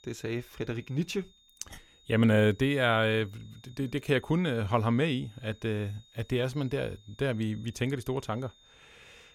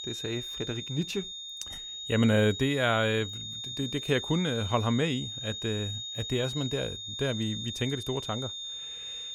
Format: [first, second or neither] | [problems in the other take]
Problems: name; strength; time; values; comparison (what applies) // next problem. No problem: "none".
first | high-pitched whine; loud; throughout; 3.5 kHz, 6 dB below the speech; faint in the first